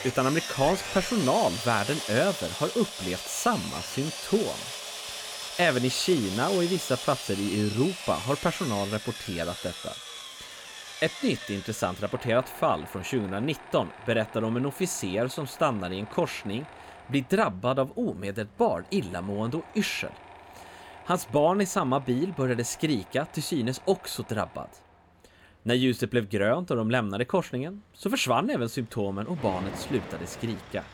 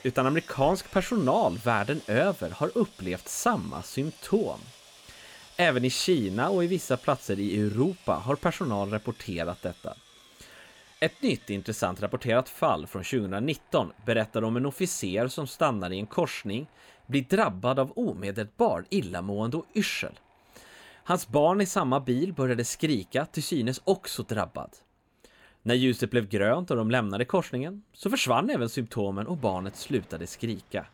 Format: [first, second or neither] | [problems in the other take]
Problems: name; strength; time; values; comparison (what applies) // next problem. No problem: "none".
second | machinery noise; loud; throughout; 9 dB below the speech; faint in the second